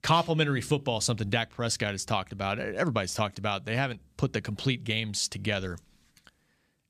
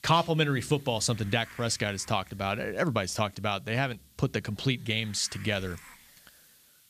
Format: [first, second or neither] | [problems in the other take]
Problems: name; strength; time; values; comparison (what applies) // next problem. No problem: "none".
first | hiss; faint; throughout; 25 dB below the speech